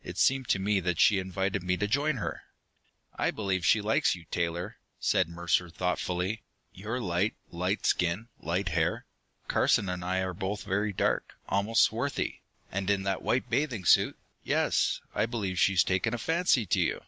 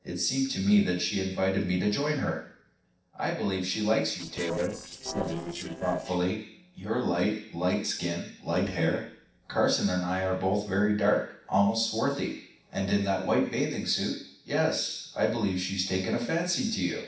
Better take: first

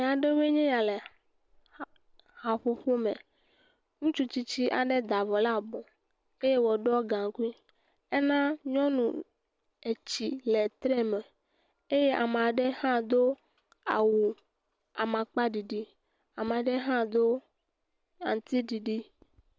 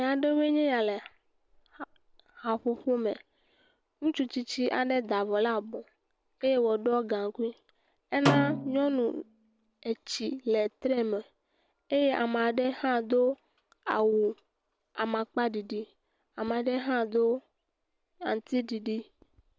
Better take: first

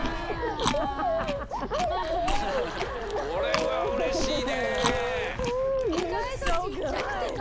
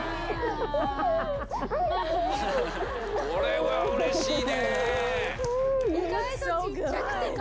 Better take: second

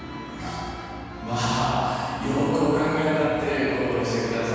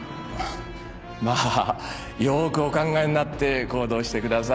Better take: second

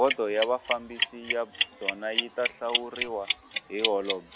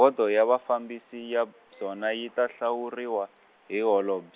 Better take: second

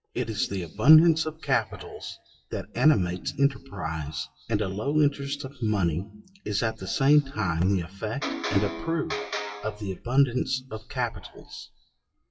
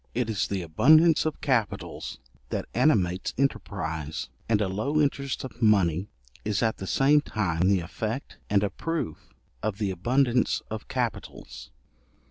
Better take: second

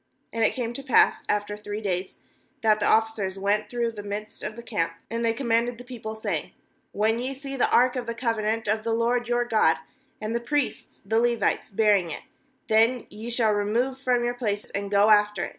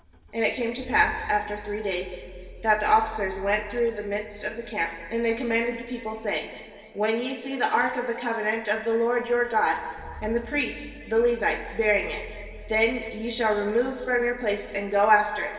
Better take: first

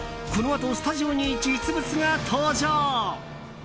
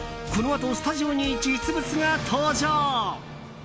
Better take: second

